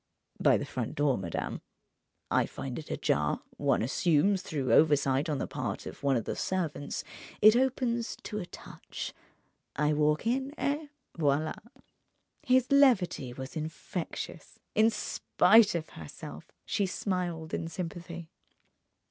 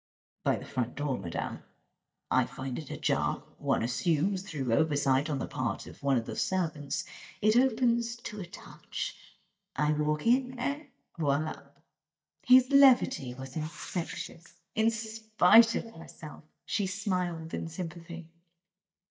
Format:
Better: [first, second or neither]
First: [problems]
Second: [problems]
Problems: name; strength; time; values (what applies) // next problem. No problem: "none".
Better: first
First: none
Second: noise reduction (neural mask model DeepFilterNet 3)